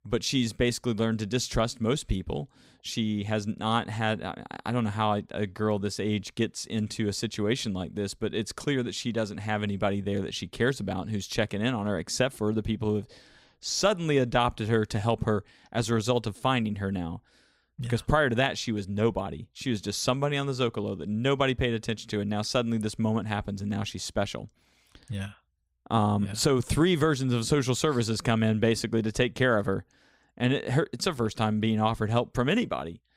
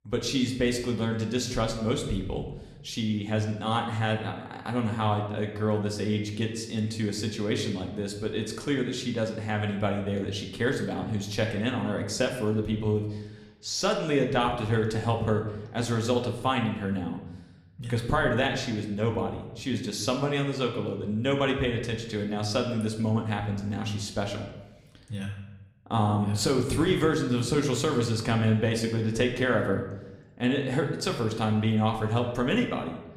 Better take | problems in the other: first | room echo; slight; dies away in 0.8 s

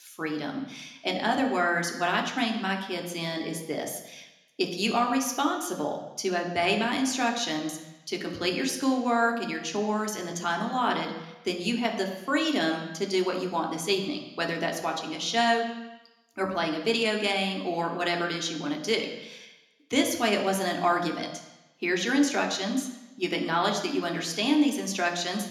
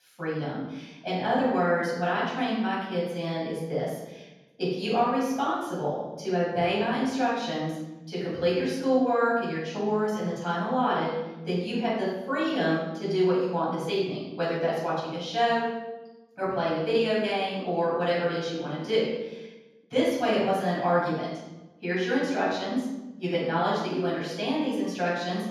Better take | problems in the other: first | room echo; strong; dies away in 1.3 s; slight in the first // off-mic speech; far

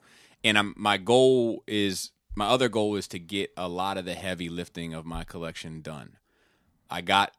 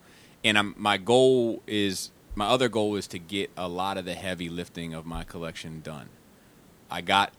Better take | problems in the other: first | hiss; faint; throughout; 30 dB below the speech

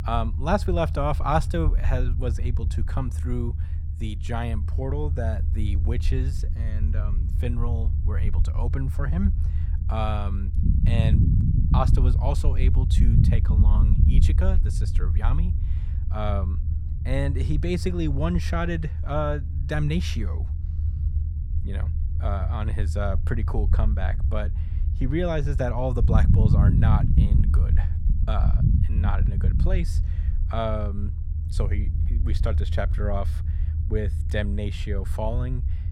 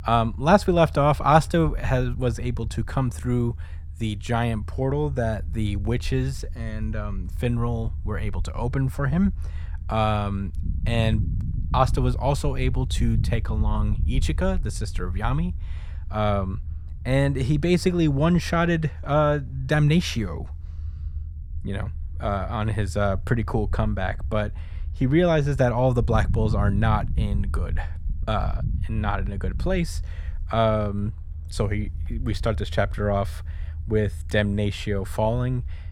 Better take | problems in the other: second | low rumble; loud; throughout; 8 dB below the speech; faint in the second

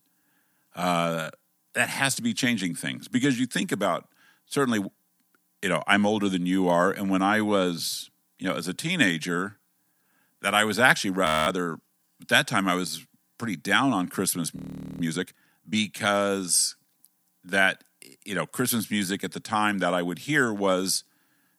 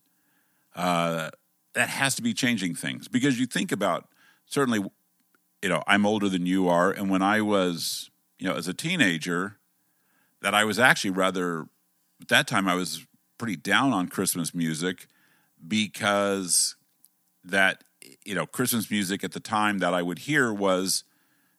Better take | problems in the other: second | audio freezing; at 11 s and at 15 s

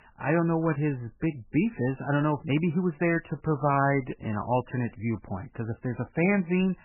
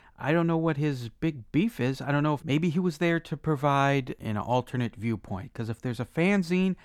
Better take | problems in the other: second | garbled, watery; badly; nothing above 3 kHz

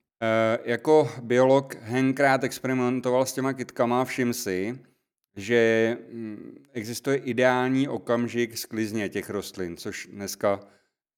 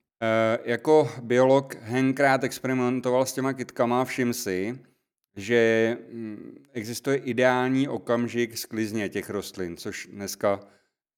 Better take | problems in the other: neither | none

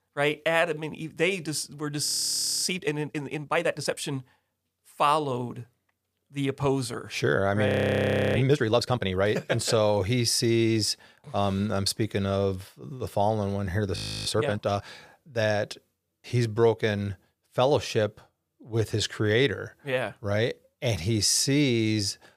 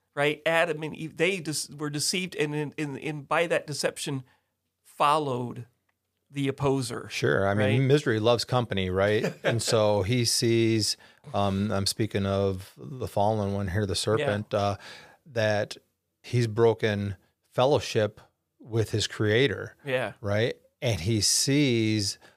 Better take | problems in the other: second | audio freezing; at 2 s for 0.5 s, at 7.5 s for 0.5 s and at 14 s

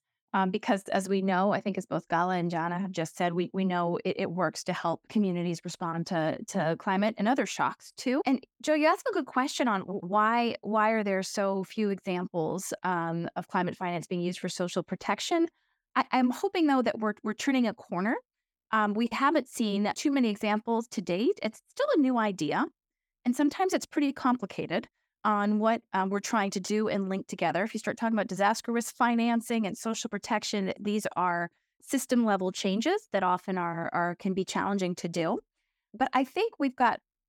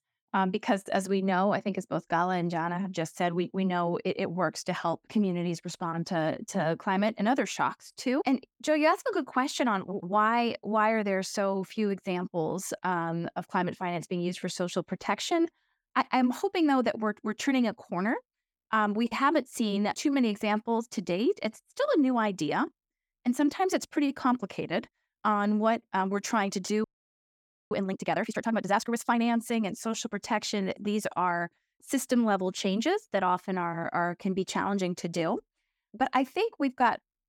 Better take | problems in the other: first | audio freezing; at 27 s for 1 s

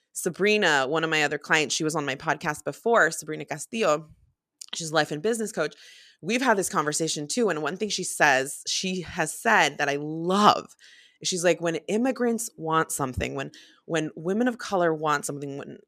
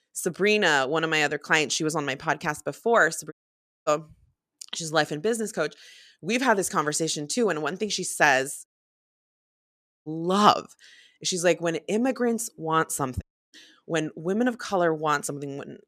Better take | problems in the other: first | audio cutting out; at 3.5 s for 0.5 s, at 8.5 s for 1.5 s and at 13 s

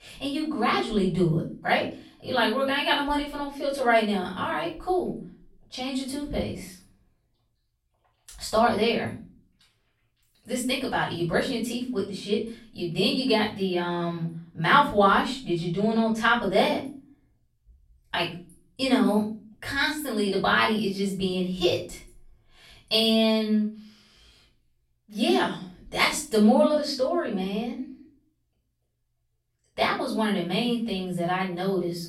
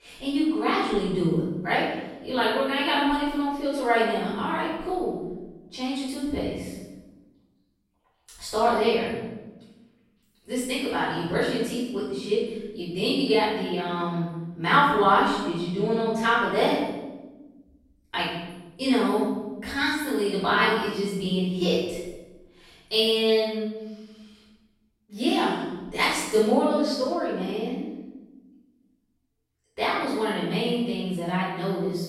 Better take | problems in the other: first | room echo; strong; dies away in 1 s; slight in the first // off-mic speech; far; far in the first

